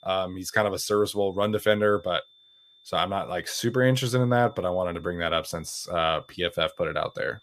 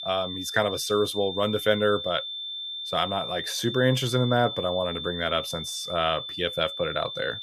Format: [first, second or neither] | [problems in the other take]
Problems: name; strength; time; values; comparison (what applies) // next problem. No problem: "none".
first | high-pitched whine; loud; throughout; 3.5 kHz, 6 dB below the speech; faint in the first